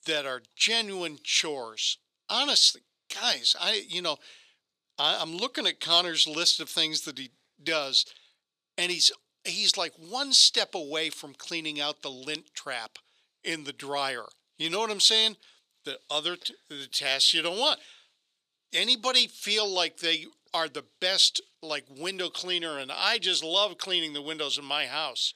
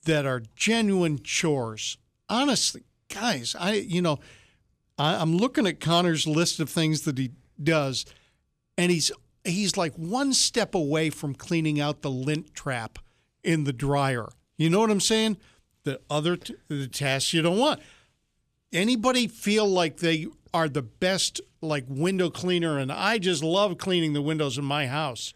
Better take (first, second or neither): second